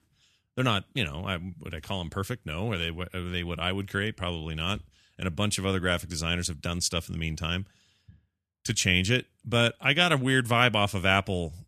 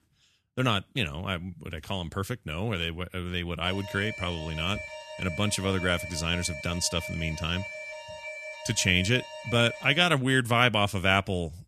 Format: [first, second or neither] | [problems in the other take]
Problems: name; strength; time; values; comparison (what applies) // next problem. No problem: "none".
first | alarm; noticeable; from 3.5 to 10 s; peak 10 dB below the speech